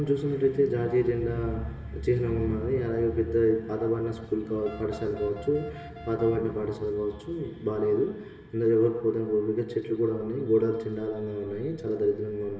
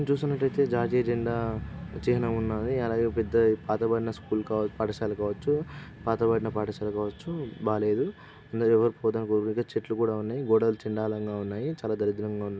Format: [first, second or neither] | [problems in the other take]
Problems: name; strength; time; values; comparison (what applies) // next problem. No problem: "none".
second | background sound (Wind instrument, woodwind instrument); 18 dB below the speech // room echo; dies away in 1.3 s